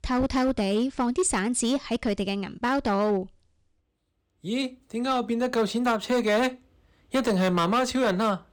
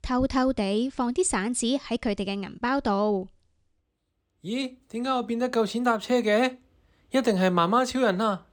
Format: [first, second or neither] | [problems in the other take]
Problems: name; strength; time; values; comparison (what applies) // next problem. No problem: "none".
second | distortion; slight; 8% of the sound clipped